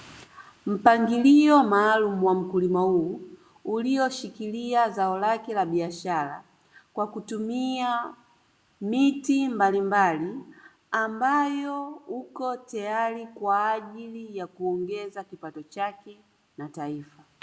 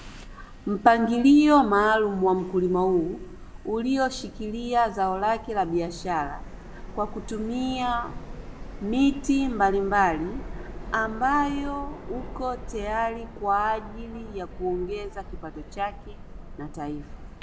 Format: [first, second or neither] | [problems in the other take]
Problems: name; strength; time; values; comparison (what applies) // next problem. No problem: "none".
first | background sound (Subway, metro, underground); 13 dB below the speech